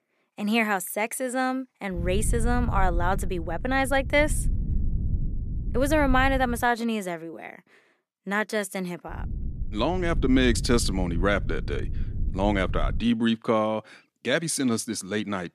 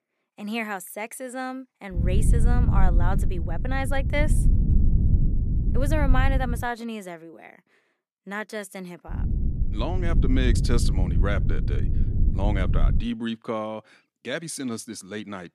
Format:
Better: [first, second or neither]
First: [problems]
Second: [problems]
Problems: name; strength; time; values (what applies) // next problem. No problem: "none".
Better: first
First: low rumble; faint; from 2 to 6.5 s and from 9 to 13 s; 20 dB below the speech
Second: low rumble; loud; from 2 to 6.5 s and from 9 to 13 s; 8 dB below the speech